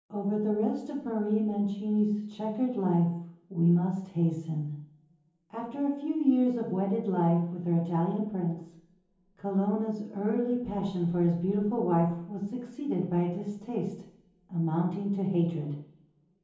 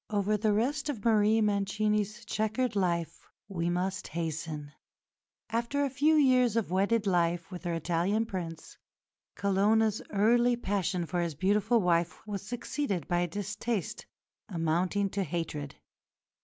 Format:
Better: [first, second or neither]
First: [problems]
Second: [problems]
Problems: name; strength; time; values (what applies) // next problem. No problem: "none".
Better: second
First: room echo; dies away in 0.7 s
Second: none